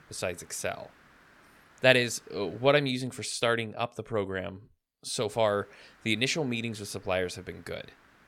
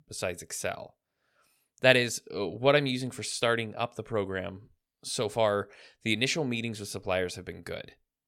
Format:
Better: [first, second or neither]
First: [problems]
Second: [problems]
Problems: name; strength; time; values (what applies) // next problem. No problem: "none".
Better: second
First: hiss; faint; until 3 s and from 5.5 s on; 30 dB below the speech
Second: none